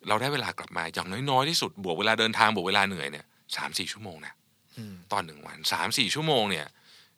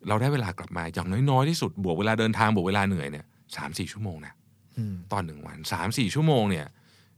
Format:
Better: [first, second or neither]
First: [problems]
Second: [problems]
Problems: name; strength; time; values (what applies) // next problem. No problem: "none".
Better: second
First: thin; somewhat; fading below 650 Hz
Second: none